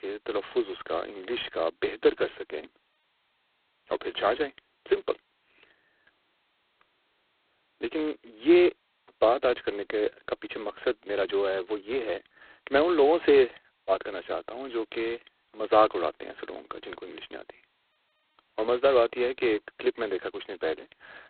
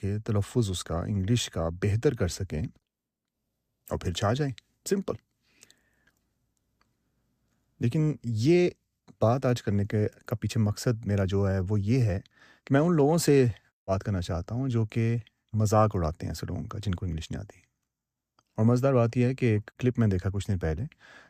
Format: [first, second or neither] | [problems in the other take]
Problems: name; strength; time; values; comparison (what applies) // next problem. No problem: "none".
second | phone-call audio; poor line; nothing above 4 kHz